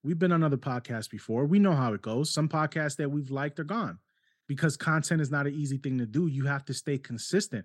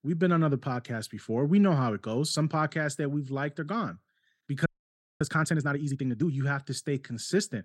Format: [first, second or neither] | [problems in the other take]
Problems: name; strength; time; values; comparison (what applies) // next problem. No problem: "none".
first | audio freezing; at 4.5 s for 0.5 s